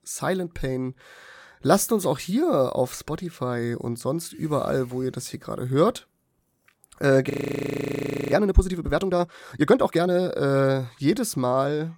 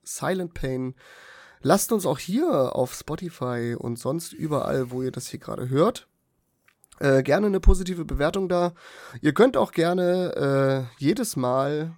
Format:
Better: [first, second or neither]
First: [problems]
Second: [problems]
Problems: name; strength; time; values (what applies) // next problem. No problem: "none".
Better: second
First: audio freezing; at 7.5 s for 1 s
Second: none